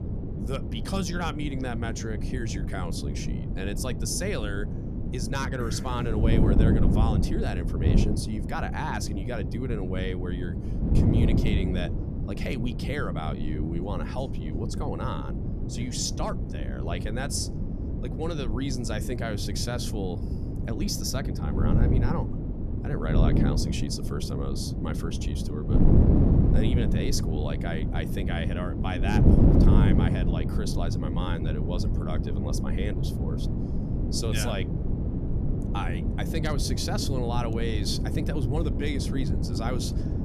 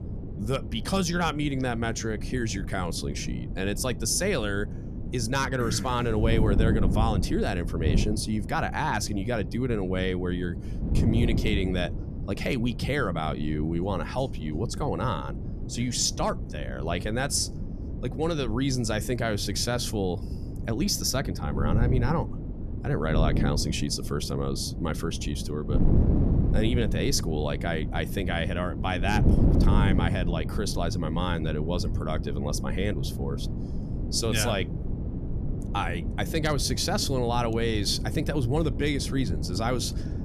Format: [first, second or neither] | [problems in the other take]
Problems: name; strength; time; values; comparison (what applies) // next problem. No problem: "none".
second | wind noise on the microphone; heavy; 2 dB below the speech; occasional gusts in the second